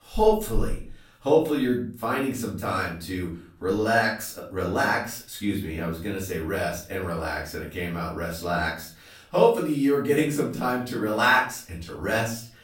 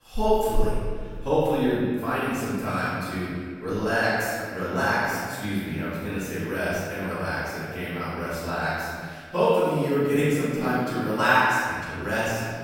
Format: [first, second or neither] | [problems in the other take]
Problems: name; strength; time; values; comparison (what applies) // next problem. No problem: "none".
first | room echo; strong; dies away in 2 s; slight in the first // off-mic speech; far; far in the first